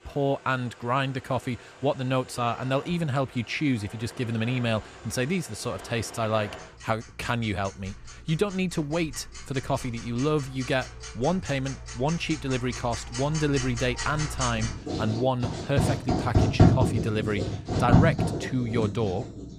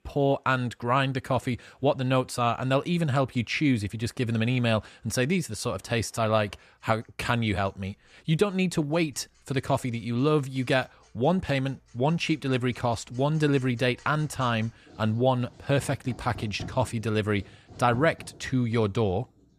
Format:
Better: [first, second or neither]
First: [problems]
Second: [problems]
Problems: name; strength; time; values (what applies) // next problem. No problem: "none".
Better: second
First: household noises; loud; throughout; as loud as the speech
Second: household noises; faint; throughout; 20 dB below the speech